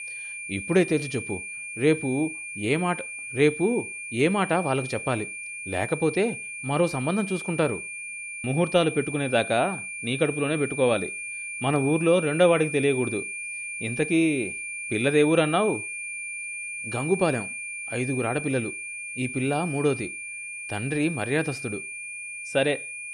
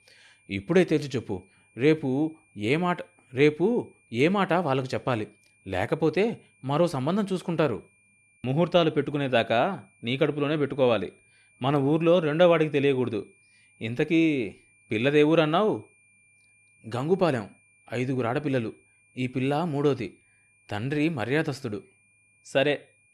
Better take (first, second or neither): second